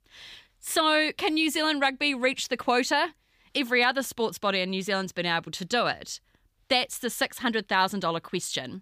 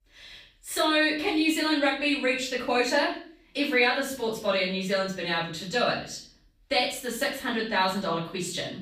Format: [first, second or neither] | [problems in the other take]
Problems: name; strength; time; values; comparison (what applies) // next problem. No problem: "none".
first | off-mic speech; far // room echo; noticeable; dies away in 0.4 s